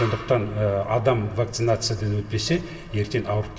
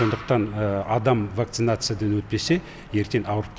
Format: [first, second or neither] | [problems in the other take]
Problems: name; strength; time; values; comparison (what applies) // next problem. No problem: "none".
second | room echo; dies away in 2.5 s